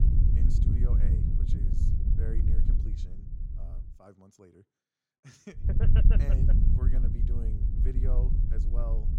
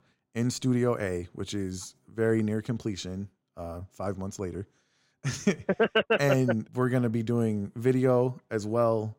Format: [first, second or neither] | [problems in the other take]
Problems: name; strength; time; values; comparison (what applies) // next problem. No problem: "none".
second | wind noise on the microphone; heavy; until 4 s and from 5.5 s on; 3 dB above the speech